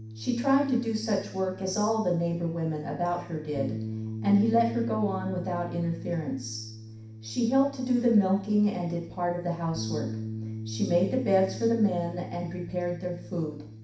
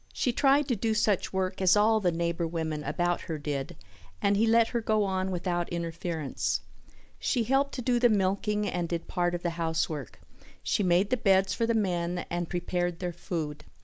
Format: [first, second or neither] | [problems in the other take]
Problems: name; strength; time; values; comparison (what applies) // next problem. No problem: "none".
second | background sound (Bass guitar); 11 dB below the speech // room echo; dies away in 0.6 s